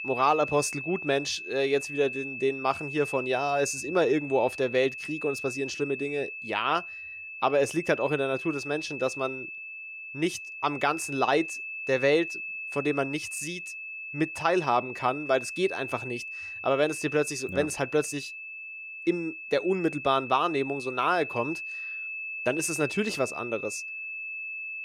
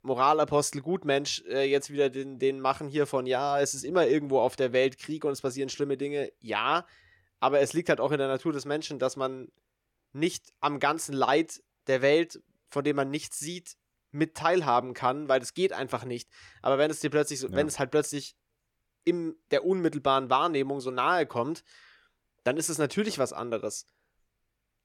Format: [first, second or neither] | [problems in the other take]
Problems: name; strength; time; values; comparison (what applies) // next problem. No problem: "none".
second | high-pitched whine; loud; throughout; 2.5 kHz, 7 dB below the speech